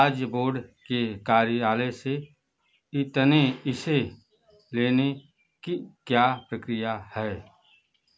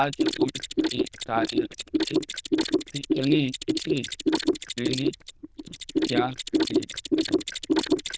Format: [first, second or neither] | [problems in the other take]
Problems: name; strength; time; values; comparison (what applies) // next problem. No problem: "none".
first | noise reduction (neural diffusion model UNIVERSE++)